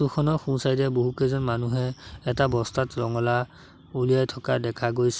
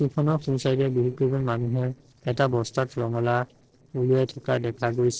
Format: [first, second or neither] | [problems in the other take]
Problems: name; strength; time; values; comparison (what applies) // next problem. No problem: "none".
first | noise reduction (neural separator model SepFormer DNS4)